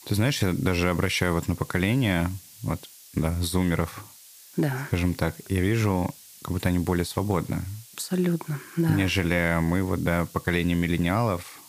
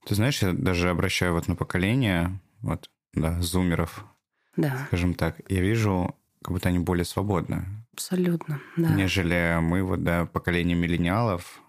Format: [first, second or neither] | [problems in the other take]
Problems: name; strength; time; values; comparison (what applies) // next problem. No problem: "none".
second | hiss; noticeable; throughout; 20 dB below the speech